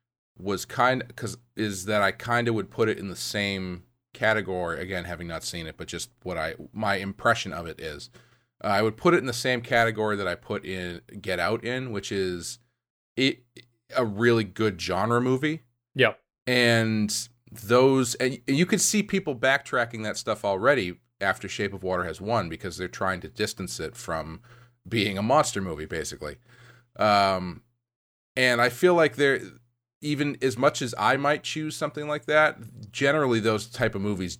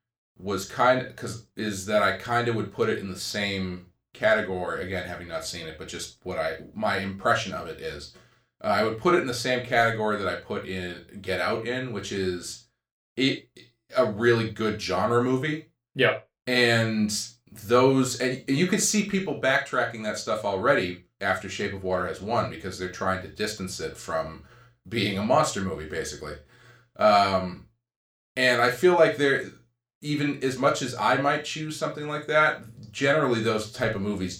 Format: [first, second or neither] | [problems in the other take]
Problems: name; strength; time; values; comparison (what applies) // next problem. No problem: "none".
first | room echo; slight; dies away in 0.3 s